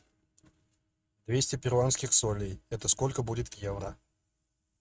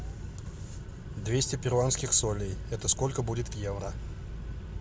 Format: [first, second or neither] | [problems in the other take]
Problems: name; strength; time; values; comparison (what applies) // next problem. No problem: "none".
second | noise reduction (neural mask model RNNoise)